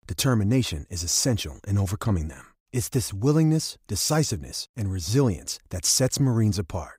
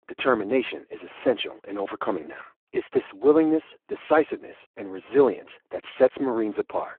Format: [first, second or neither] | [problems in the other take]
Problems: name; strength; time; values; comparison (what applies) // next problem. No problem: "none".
first | phone-call audio; poor line